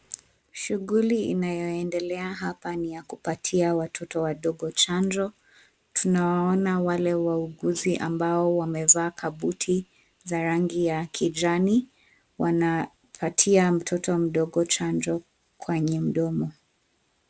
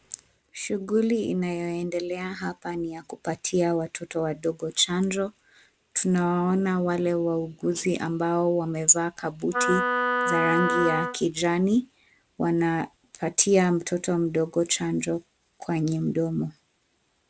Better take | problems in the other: first | background sound (Wind instrument, woodwind instrument); as loud as the speech

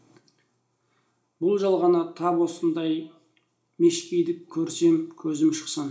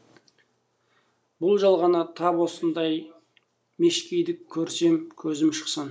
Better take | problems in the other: second | room echo; dies away in 0.4 s

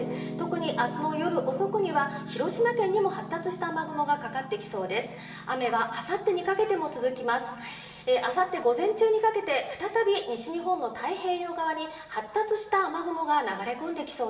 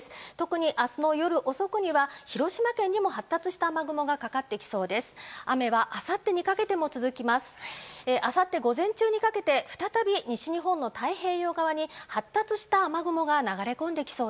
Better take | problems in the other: second | background sound (Piano); 14 dB below the speech // room echo; dies away in 1.1 s

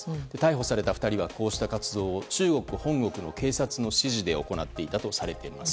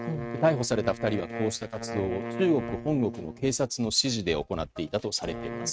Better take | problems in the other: first | noise reduction (neural mask model RNNoise)

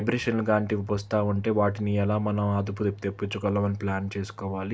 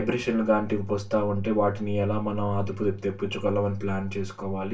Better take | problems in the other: first | room echo; dies away in 0.2 s

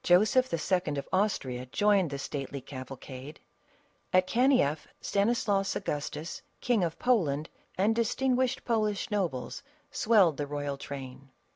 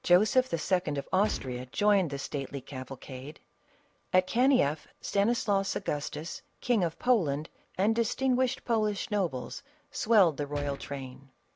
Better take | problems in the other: first | background sound (Gunshot, gunfire); 11 dB below the speech

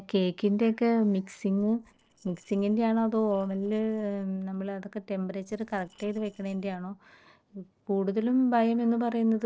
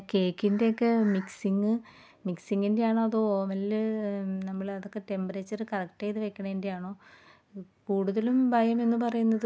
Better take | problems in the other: second | noise reduction (neural separator model SepFormer DNS4)

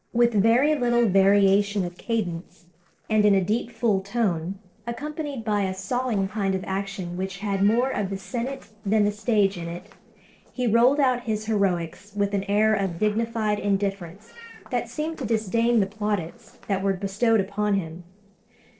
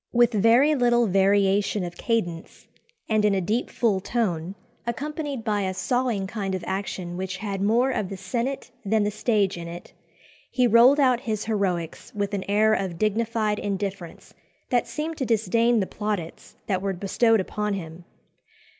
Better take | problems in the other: second | noise reduction (neural separator model SepFormer DNS4)

